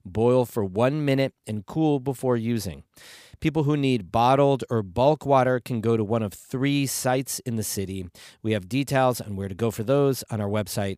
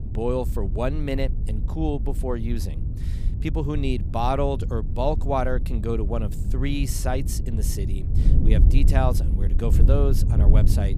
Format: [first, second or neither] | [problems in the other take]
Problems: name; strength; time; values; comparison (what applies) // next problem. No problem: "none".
first | wind noise on the microphone; occasional gusts; 10 dB below the speech